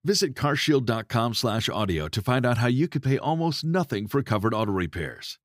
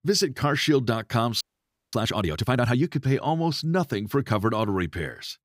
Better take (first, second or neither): first